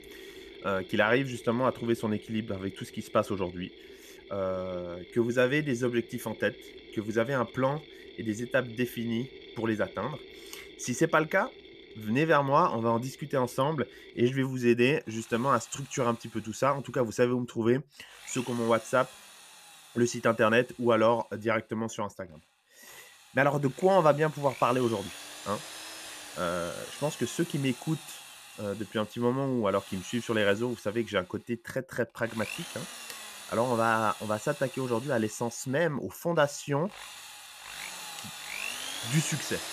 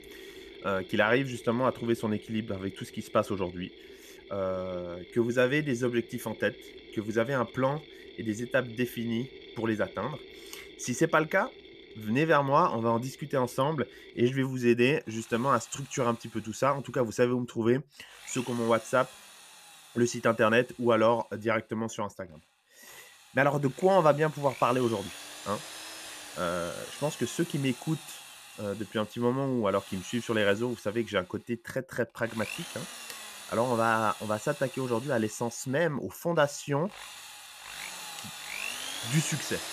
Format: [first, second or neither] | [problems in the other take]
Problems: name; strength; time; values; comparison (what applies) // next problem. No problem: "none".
neither | machinery noise; noticeable; throughout; 15 dB below the speech; the same in both